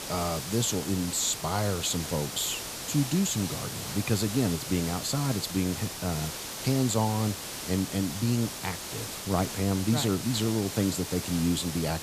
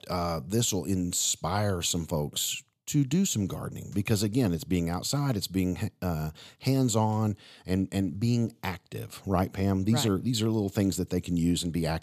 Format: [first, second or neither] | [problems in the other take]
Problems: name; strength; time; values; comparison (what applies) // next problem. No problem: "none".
second | hiss; loud; throughout; 6 dB below the speech